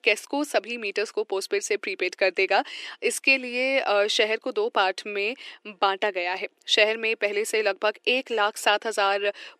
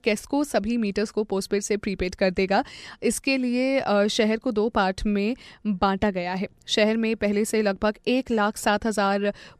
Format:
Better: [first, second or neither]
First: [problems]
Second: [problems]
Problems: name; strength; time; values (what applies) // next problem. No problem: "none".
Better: second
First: thin; somewhat; fading below 300 Hz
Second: none